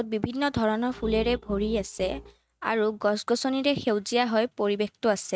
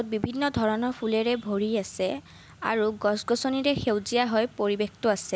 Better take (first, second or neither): second